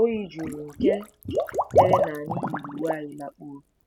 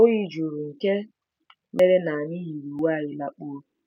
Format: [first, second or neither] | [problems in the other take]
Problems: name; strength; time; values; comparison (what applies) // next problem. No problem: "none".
second | background sound (Water / Liquid); 3 dB above the speech